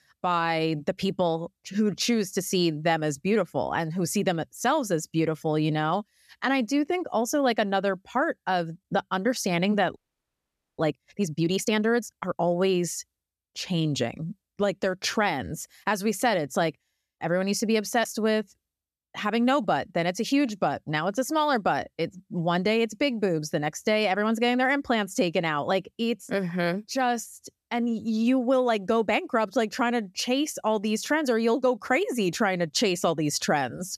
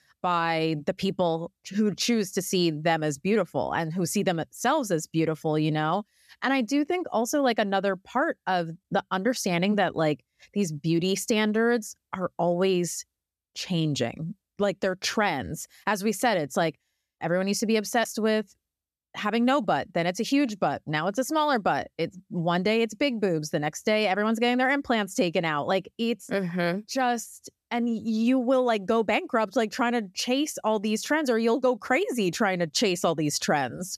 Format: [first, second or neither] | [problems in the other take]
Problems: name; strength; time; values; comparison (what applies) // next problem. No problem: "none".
second | audio freezing; at 10 s for 1 s